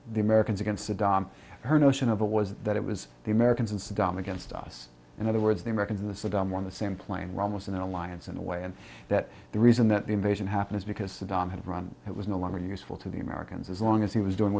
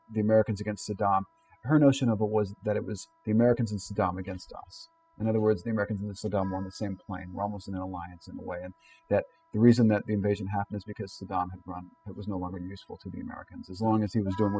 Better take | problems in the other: first | noise reduction (classical method spectral subtraction)

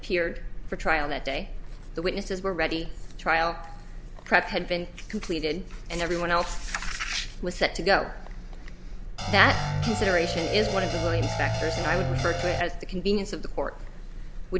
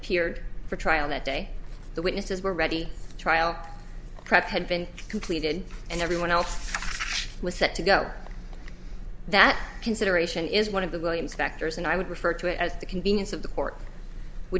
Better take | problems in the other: second | background sound (Guitar); 1 dB below the speech

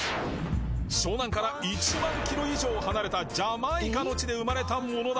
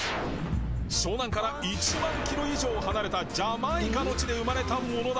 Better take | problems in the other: first | background sound (Engine / Vehicle); 9 dB below the speech

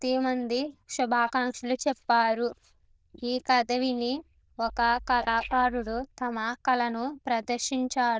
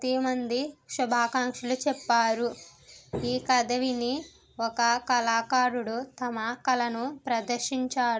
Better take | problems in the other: second | noise reduction (neural diffusion model UNIVERSE++)

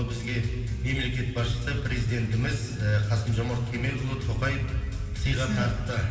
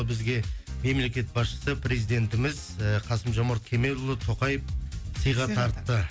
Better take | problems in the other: second | room echo; dies away in 2.6 s

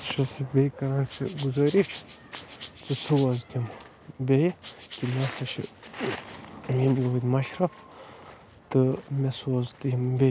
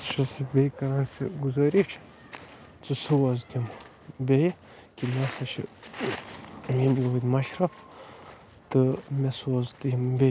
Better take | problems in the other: second | background sound (Rattle (instrument)); 19 dB below the speech

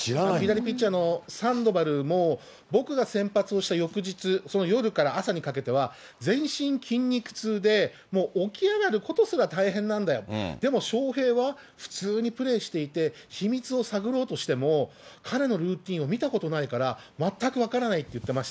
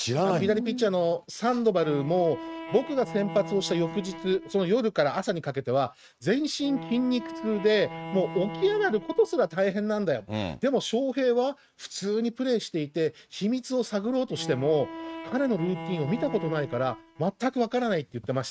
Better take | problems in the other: first | noise reduction (neural mask model RNNoise)

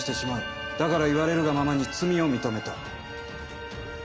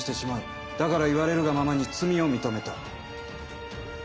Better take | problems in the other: second | background sound (Musical instrument); 13 dB below the speech

